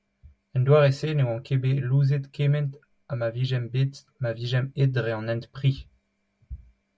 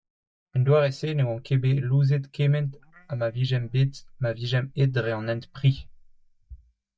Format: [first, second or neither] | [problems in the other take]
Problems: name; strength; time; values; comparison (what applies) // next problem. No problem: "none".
first | noise reduction (neural mask model DeepFilterNet 3)